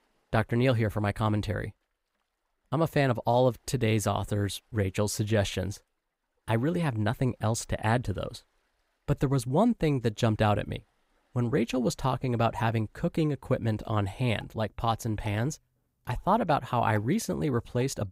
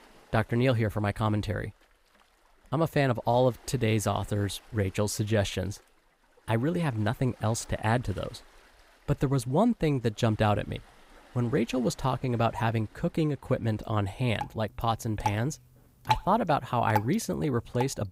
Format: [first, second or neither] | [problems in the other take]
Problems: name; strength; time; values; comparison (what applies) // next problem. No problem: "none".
first | rain or running water; loud; throughout; 7 dB below the speech; faint in the first